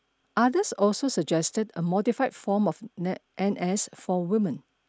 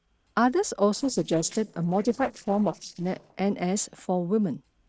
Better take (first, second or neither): first